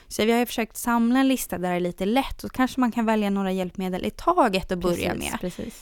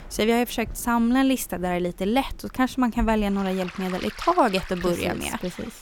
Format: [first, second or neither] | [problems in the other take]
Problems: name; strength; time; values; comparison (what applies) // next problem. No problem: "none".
first | rain or running water; noticeable; throughout; 15 dB below the speech